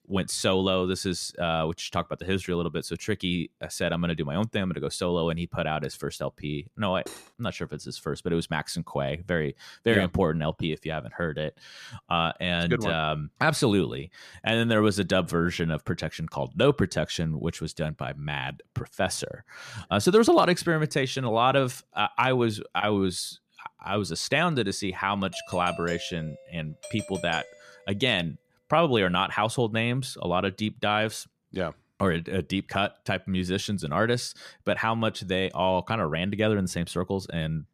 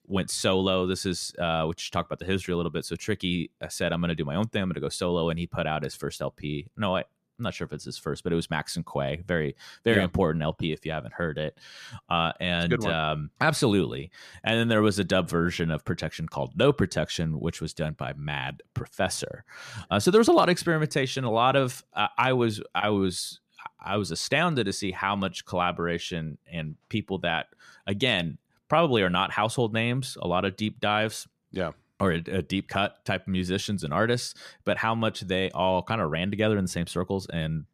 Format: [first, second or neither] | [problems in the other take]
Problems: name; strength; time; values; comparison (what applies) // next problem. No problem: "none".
second | clattering dishes; faint; at 7 s; peak 15 dB below the speech // doorbell; faint; from 25 to 28 s; peak 10 dB below the speech